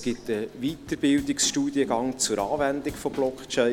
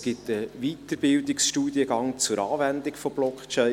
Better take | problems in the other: second | background sound (Gurgling + Drum / Drum kit); 18 dB below the speech

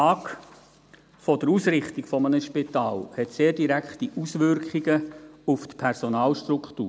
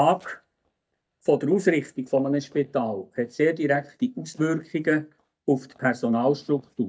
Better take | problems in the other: first | noise reduction (neural mask model DeepFilterNet 3)

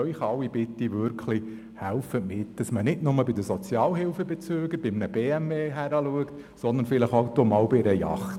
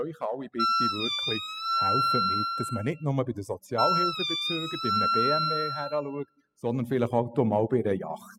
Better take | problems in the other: first | noise reduction (classical method spectral subtraction)

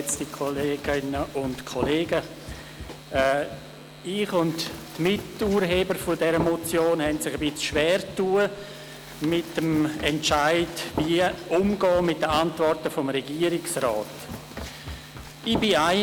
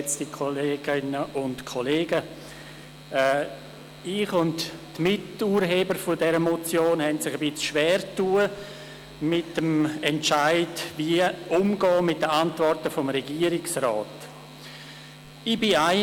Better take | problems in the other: second | background sound (Run); 13 dB below the speech

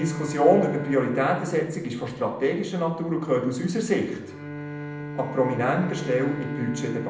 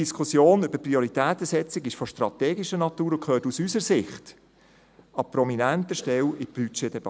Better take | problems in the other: second | background sound (Bowed string instrument); 10 dB below the speech // room echo; dies away in 0.7 s

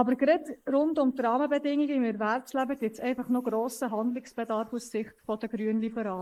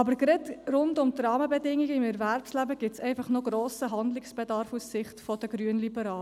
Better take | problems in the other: second | noise reduction (neural mask model Resemble Enhance denoiser)

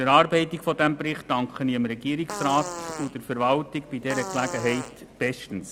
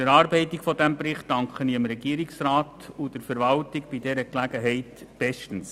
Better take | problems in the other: second | background sound (Fart); 12 dB below the speech

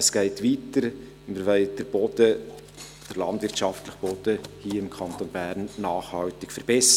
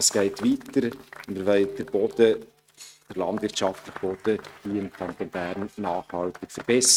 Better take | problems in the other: first | noise reduction (neural mask model RNNoise)

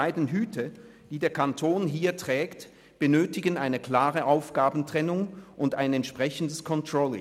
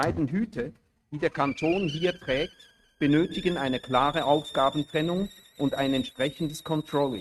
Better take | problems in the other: first | noise reduction (neural mask model RNNoise)

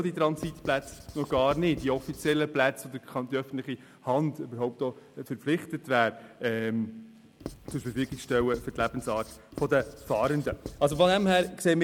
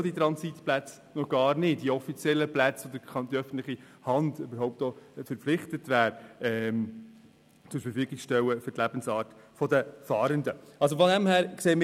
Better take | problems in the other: second | background sound (Writing); 15 dB below the speech

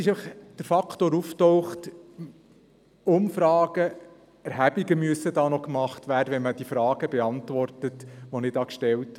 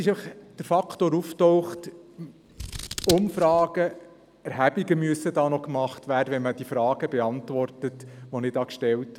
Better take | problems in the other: first | background sound (Scissors); 9 dB below the speech

